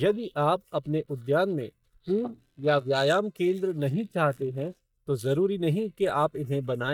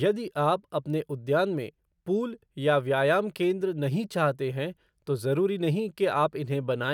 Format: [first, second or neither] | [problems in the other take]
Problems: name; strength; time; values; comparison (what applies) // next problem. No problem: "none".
second | noise reduction (neural mask model DeepFilterNet 3)